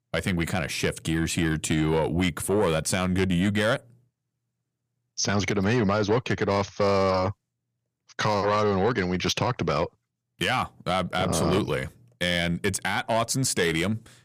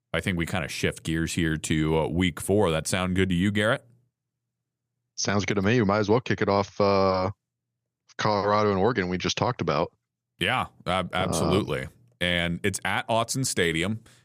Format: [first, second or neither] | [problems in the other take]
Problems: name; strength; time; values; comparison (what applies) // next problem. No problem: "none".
second | distortion; slight; 10 dB below the speech